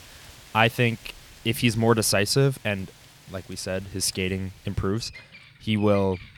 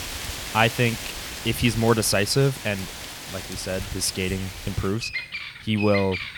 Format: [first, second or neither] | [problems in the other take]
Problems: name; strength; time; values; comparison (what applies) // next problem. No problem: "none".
first | animal sounds; loud; throughout; 9 dB below the speech; faint in the first